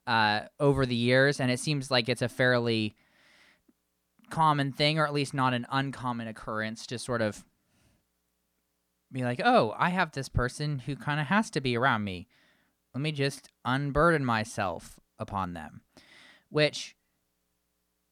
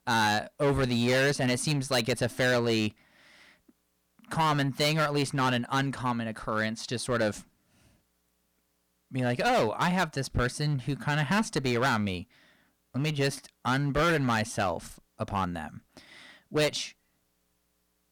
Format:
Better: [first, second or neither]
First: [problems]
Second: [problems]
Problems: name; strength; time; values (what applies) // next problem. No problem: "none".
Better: first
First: none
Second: distortion; heavy; 9% of the sound clipped